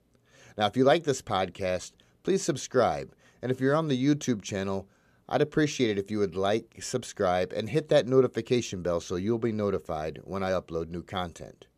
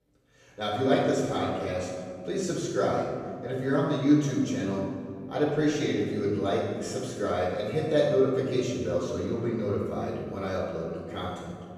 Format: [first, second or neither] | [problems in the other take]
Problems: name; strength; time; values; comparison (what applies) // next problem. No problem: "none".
first | off-mic speech; far // room echo; noticeable; dies away in 2.1 s